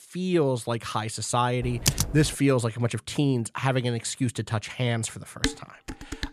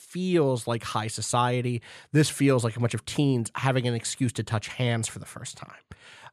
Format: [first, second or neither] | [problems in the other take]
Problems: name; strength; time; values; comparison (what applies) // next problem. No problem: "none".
second | keyboard typing; loud; at 1.5 s; peak 1 dB above the speech // clattering dishes; noticeable; at 5.5 s; peak 4 dB below the speech